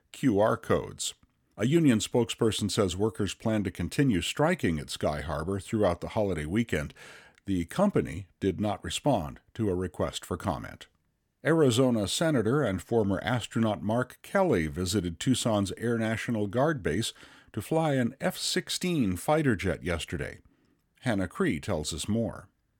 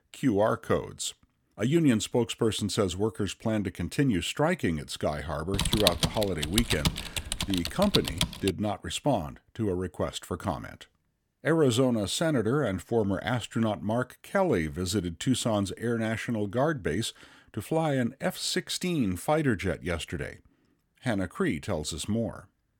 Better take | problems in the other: first | keyboard typing; loud; from 5.5 to 8.5 s; peak 3 dB above the speech

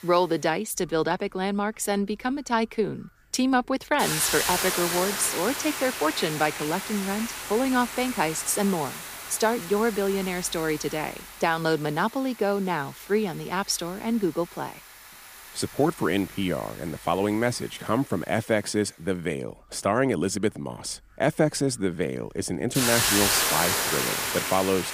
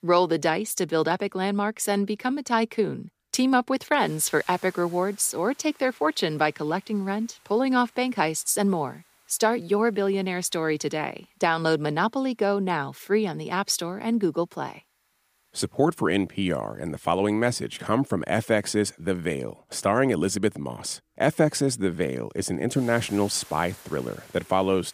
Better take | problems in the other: second | hiss; loud; throughout; 1 dB below the speech; faint in the second

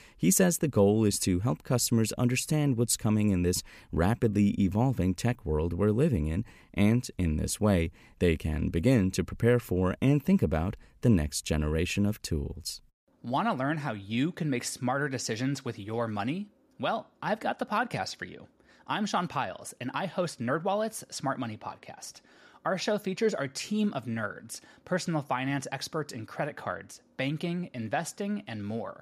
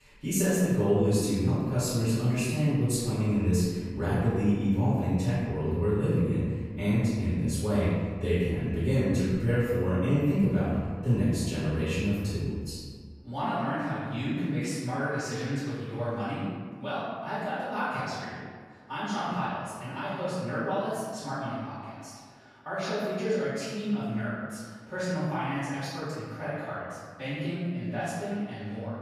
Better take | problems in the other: first | off-mic speech; far // room echo; strong; dies away in 1.6 s

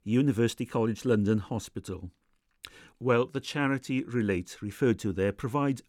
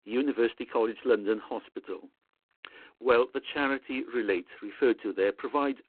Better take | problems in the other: first | phone-call audio; poor line; nothing above 4 kHz

